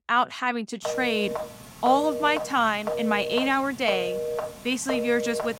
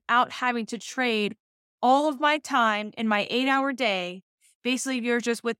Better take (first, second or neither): second